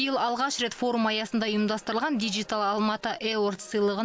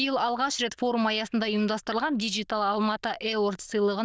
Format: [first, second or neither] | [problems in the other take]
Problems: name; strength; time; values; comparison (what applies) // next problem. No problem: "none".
first | noise reduction (neural diffusion model UNIVERSE++)